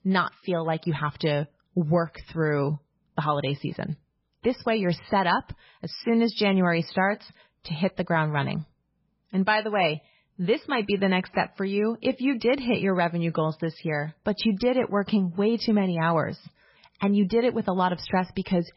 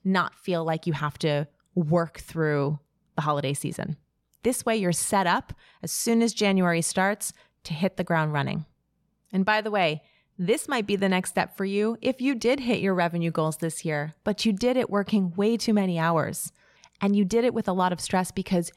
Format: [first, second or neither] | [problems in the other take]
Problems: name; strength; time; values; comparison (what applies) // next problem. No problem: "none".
second | garbled, watery; badly; nothing above 5.5 kHz